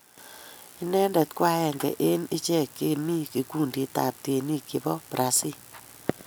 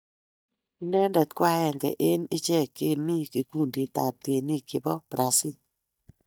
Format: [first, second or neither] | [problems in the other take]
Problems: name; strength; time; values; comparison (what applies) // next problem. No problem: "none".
first | noise reduction (neural mask model DeepFilterNet 3)